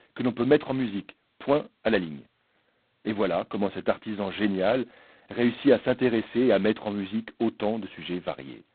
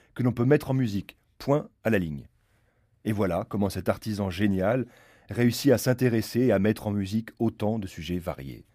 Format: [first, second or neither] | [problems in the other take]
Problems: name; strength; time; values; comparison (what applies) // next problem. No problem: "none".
second | phone-call audio; poor line; nothing above 4 kHz